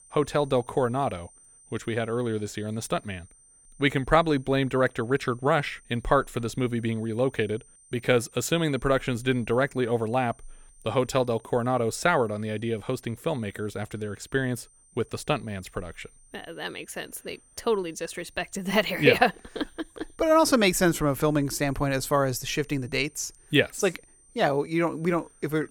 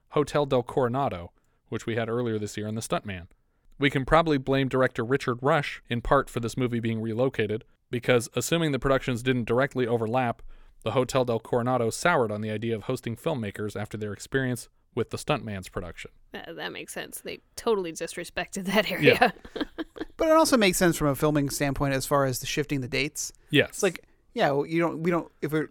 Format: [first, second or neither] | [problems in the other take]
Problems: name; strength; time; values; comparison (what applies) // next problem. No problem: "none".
second | high-pitched whine; faint; throughout; 9 kHz, 30 dB below the speech